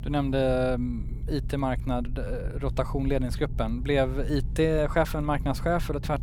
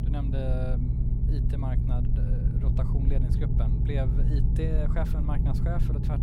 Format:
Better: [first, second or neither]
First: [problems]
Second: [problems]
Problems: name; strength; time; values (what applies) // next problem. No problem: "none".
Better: first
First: low rumble; faint; throughout; 20 dB below the speech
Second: low rumble; loud; throughout; 1 dB below the speech